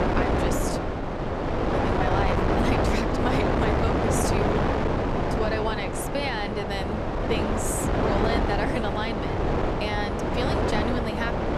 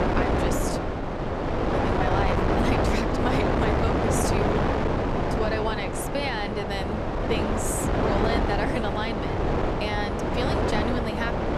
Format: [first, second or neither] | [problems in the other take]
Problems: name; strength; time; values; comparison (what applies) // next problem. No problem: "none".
neither | wind noise on the microphone; heavy; 4 dB above the speech; the same in both